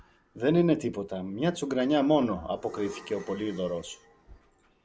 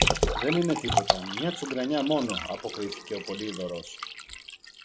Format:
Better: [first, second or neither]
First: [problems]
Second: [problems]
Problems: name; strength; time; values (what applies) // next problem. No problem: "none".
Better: first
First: none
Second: background sound (Liquid); as loud as the speech